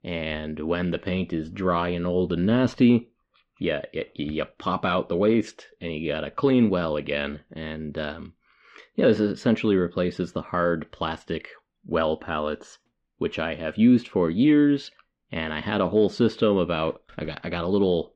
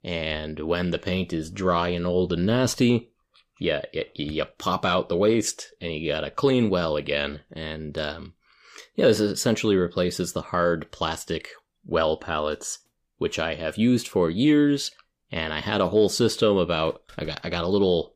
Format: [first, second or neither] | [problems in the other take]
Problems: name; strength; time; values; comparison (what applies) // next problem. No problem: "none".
second | muffled; slightly; fading above 2.5 kHz